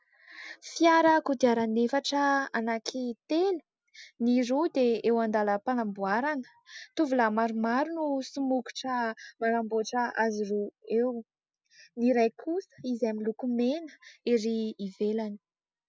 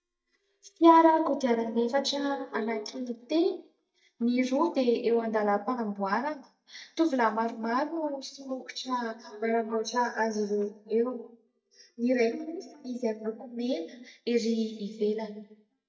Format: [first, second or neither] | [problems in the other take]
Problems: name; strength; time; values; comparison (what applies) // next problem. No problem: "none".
first | noise reduction (neural mask model DeepFilterNet 3)